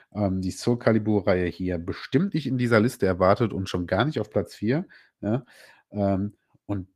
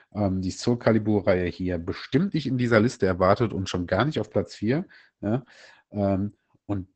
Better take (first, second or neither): first